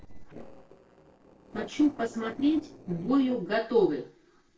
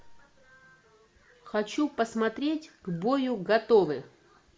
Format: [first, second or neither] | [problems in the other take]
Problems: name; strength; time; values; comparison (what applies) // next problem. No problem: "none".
second | noise reduction (neural separator model SepFormer DNS4)